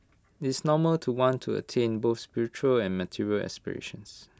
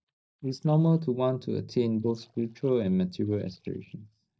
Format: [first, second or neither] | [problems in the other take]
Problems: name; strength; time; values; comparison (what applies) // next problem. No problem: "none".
first | noise reduction (neural mask model DeepFilterNet 3)